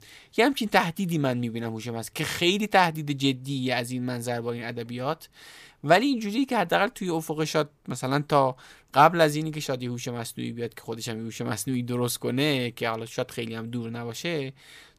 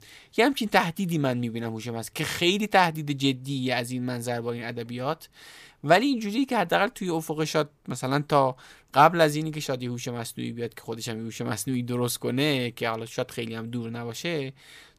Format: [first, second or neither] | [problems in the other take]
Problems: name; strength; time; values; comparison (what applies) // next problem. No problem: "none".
neither | none